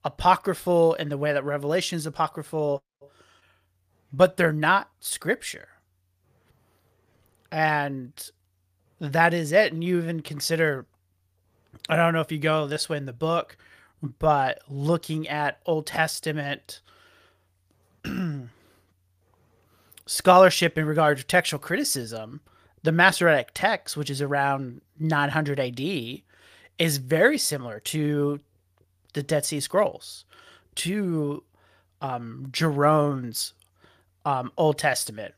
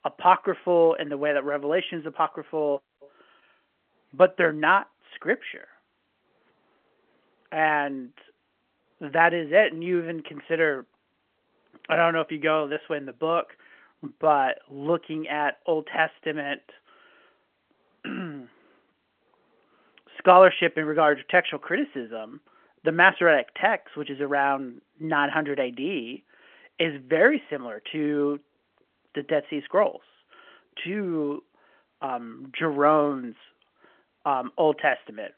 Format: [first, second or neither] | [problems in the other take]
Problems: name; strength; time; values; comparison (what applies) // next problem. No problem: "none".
first | phone-call audio